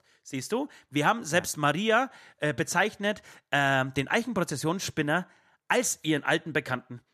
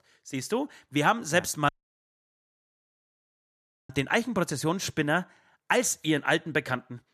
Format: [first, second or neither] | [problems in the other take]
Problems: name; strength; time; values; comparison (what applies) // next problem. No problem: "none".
first | audio cutting out; at 1.5 s for 2 s